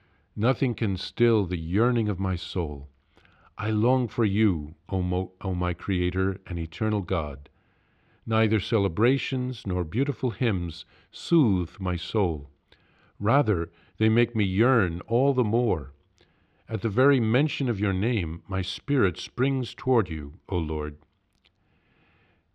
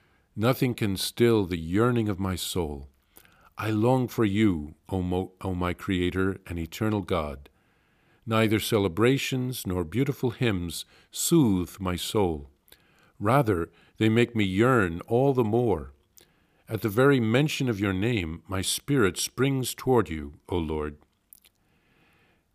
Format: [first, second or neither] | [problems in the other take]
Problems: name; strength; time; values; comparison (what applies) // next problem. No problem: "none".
second | muffled; slightly; fading above 4 kHz